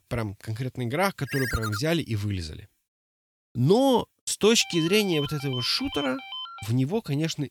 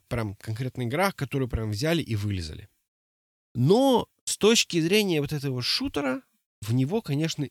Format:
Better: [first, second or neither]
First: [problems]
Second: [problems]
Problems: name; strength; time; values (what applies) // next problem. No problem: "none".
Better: second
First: phone ringing; noticeable; at 1.5 s and from 4.5 to 6.5 s; peak 5 dB below the speech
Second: none